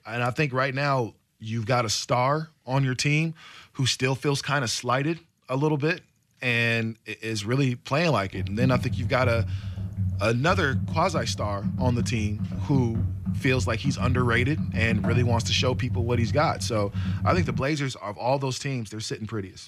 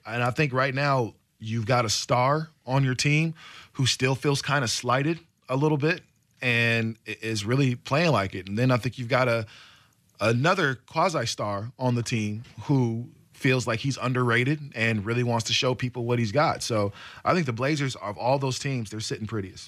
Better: second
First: keyboard typing; loud; from 8.5 to 18 s; peak level with the speech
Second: none

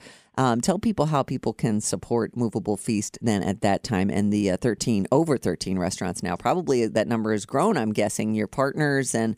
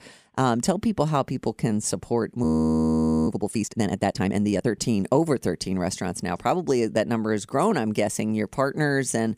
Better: first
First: none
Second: audio freezing; at 2.5 s for 1 s

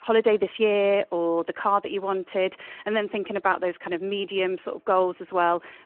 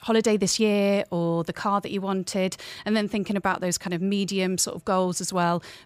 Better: second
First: phone-call audio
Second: none

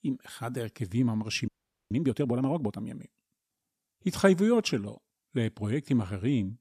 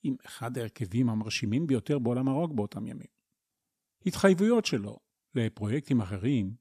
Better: second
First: audio freezing; at 1.5 s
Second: none

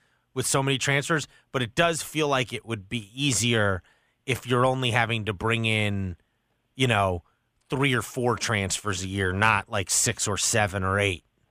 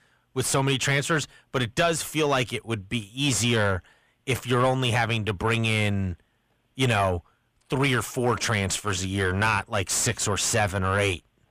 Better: first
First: none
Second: distortion; slight; 10 dB below the speech

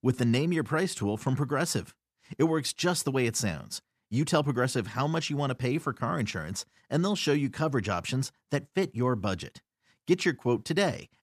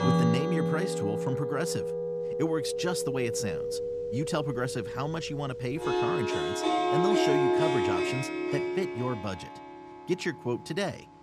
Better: first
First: none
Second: background music; very loud; throughout; 3 dB above the speech

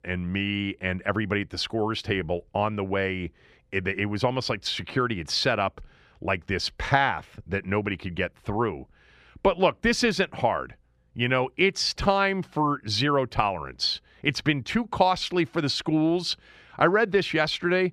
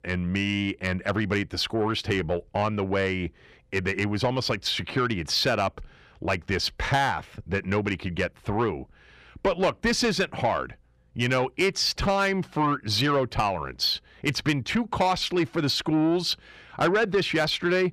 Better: first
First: none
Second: distortion; slight; 10 dB below the speech

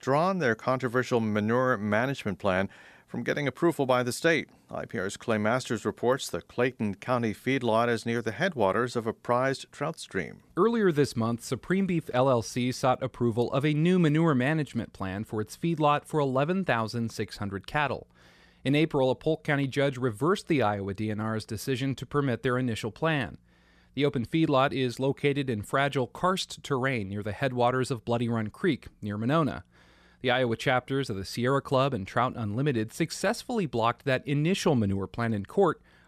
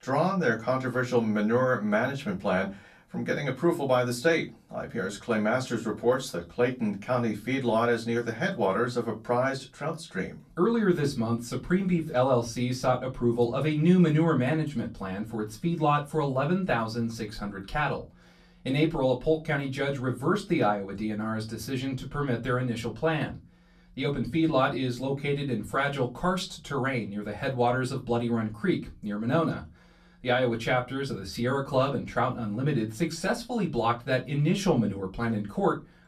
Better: first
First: none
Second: off-mic speech; far // room echo; very slight; dies away in 0.2 s

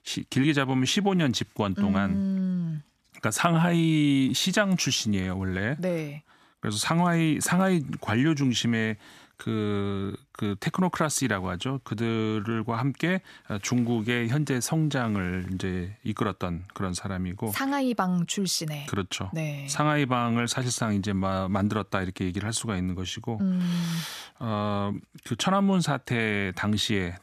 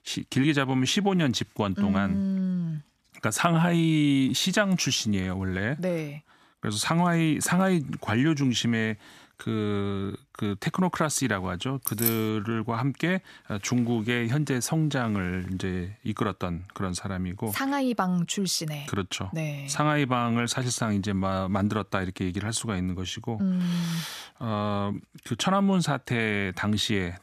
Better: first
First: none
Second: jangling keys; noticeable; at 12 s; peak level with the speech

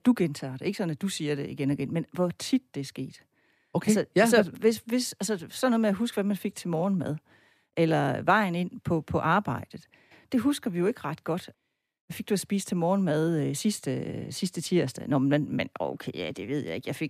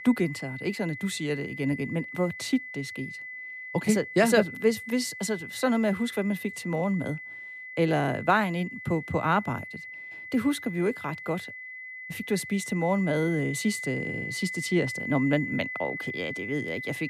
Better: first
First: none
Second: high-pitched whine; loud; throughout; 2 kHz, 8 dB below the speech

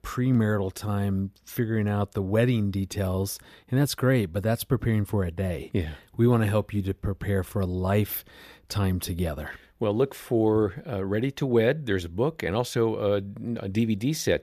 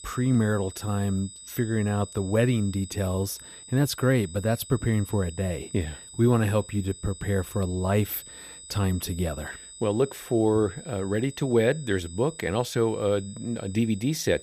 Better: first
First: none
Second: high-pitched whine; noticeable; throughout; 8 kHz, 15 dB below the speech

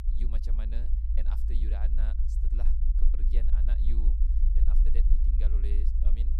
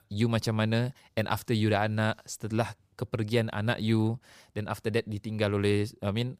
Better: second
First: low rumble; loud; throughout; as loud as the speech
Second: none

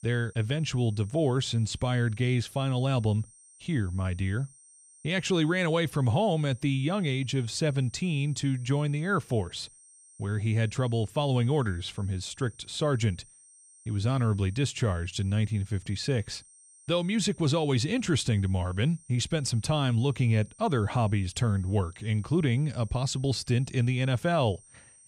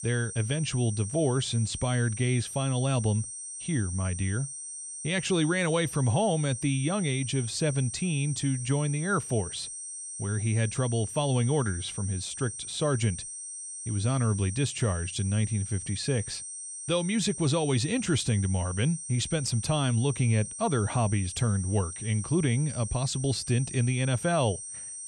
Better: first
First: high-pitched whine; faint; throughout; 8.5 kHz, 25 dB below the speech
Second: high-pitched whine; loud; throughout; 8.5 kHz, 8 dB below the speech

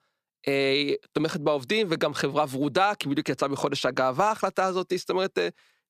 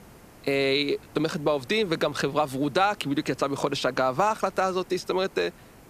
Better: first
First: none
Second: hiss; faint; throughout; 25 dB below the speech

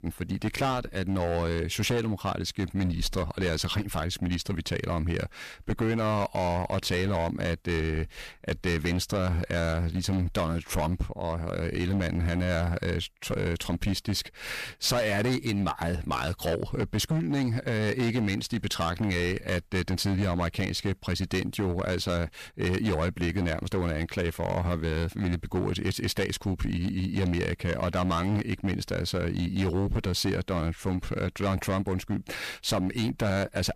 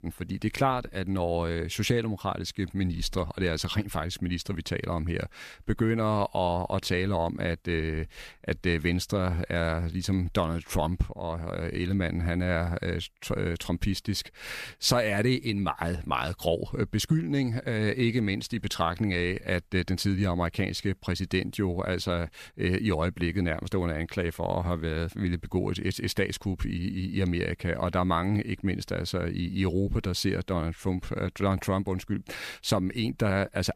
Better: second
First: distortion; slight; 13% of the sound clipped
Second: none

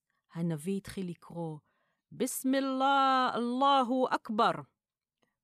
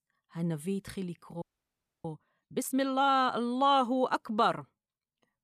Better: first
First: none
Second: audio freezing; at 1.5 s for 0.5 s

